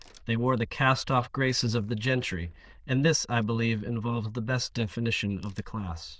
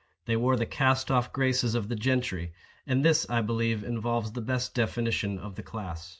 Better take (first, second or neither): second